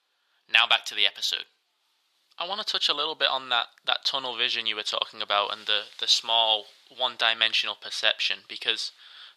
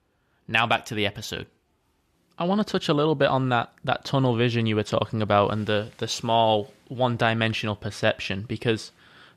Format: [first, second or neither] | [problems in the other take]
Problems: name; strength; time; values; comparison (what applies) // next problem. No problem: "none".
second | thin; very; fading below 900 Hz